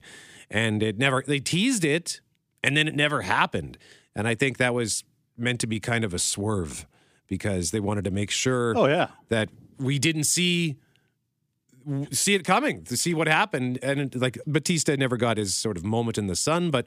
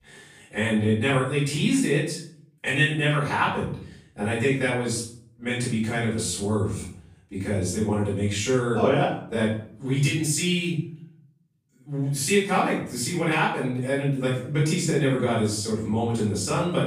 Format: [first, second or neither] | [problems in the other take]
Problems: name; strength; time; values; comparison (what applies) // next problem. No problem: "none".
first | room echo; noticeable; dies away in 0.5 s // off-mic speech; far